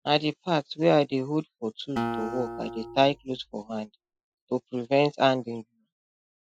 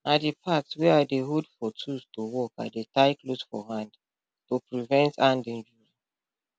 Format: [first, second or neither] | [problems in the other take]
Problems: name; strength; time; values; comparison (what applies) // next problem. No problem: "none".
second | noise reduction (classical method Wiener filter)